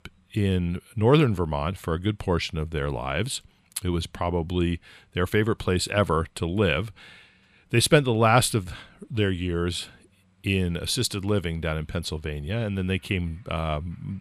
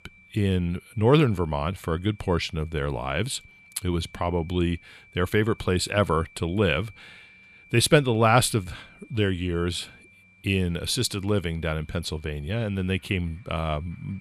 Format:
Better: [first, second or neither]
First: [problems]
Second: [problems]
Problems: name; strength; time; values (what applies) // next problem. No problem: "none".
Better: first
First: none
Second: high-pitched whine; faint; throughout; 2.5 kHz, 25 dB below the speech